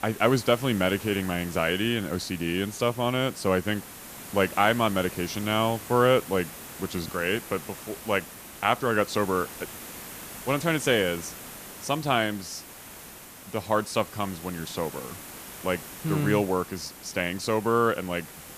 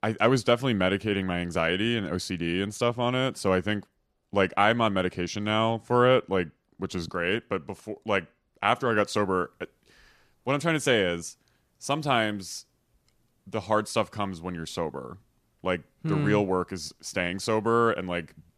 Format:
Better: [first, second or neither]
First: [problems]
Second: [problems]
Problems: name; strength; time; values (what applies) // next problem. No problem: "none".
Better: second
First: hiss; noticeable; throughout; 15 dB below the speech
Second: none